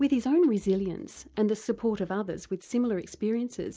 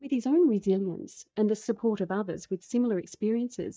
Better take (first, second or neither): first